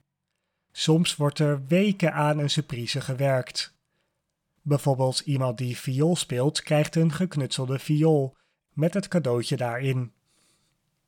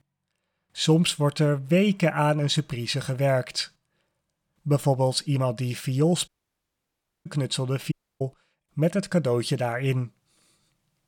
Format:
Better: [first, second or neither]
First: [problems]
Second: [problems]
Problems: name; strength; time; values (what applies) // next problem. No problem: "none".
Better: first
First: none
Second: audio cutting out; at 6.5 s for 1 s and at 8 s